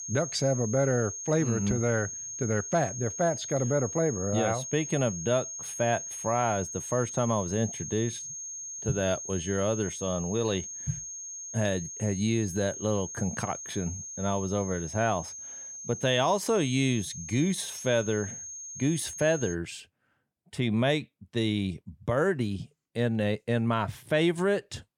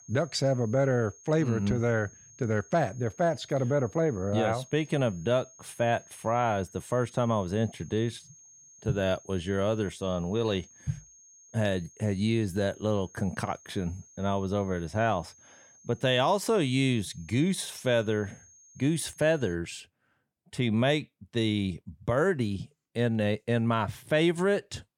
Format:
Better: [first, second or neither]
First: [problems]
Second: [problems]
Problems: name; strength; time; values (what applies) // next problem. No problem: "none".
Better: second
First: high-pitched whine; loud; until 20 s; 6.5 kHz, 7 dB below the speech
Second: high-pitched whine; faint; until 20 s; 6.5 kHz, 25 dB below the speech